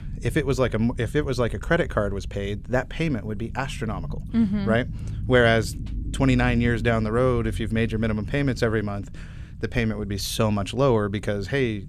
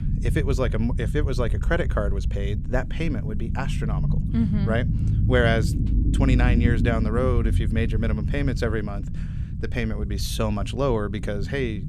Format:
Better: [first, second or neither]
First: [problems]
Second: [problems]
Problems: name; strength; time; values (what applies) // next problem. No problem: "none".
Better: first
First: low rumble; faint; throughout; 20 dB below the speech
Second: low rumble; loud; throughout; 10 dB below the speech